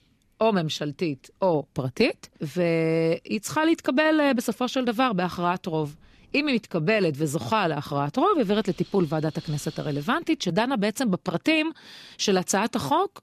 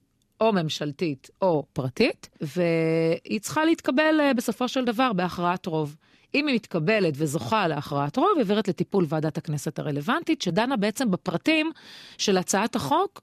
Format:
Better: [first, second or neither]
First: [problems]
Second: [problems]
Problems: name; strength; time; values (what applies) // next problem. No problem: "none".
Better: second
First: wind noise on the microphone; occasional gusts; until 10 s; 20 dB below the speech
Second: none